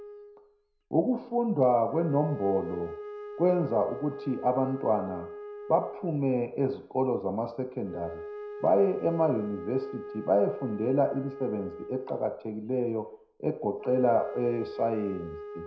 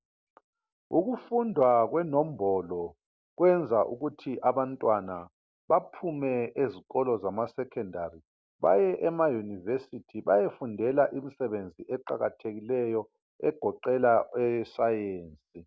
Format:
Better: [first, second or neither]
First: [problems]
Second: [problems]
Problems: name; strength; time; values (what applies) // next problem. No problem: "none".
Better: second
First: background sound (Wind instrument, woodwind instrument); 13 dB below the speech // room echo; dies away in 0.4 s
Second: none